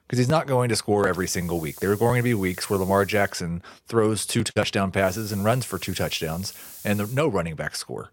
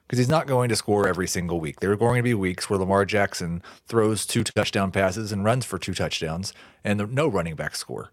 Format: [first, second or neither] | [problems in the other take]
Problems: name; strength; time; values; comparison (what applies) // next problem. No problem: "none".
second | hiss; noticeable; from 1 to 3.5 s and from 5 to 7 s; 15 dB below the speech